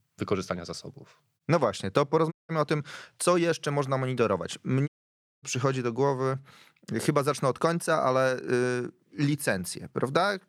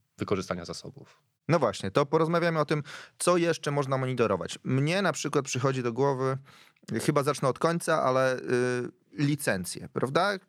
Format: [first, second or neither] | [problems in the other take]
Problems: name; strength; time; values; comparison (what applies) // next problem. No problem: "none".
second | audio cutting out; at 2.5 s and at 5 s for 0.5 s